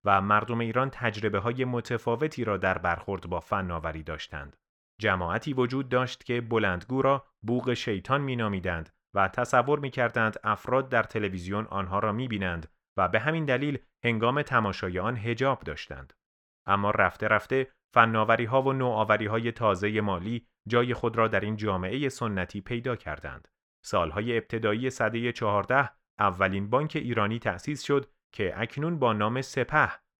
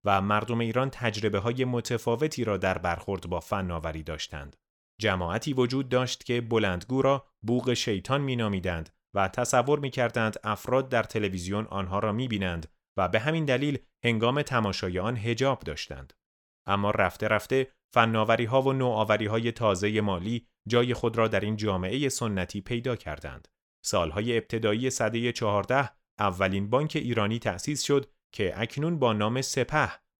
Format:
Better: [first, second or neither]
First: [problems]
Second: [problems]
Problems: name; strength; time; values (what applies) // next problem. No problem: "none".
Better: second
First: muffled; slightly; fading above 4 kHz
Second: none